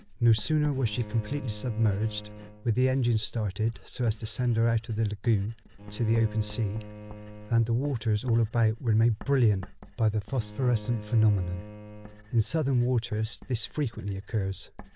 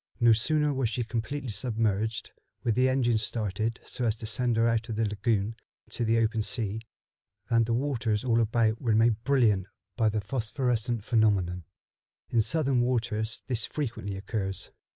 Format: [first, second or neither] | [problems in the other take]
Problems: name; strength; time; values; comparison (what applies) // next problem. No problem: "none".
second | background sound (Writing + Bowed string instrument); 16 dB below the speech